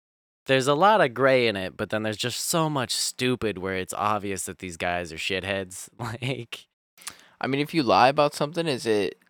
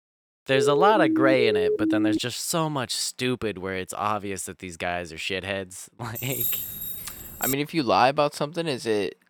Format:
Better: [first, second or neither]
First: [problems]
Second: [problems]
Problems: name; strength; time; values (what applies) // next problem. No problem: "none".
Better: first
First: none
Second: siren; loud; from 0.5 to 2 s; peak 2 dB above the speech // jangling keys; loud; from 6 to 7.5 s; peak 1 dB above the speech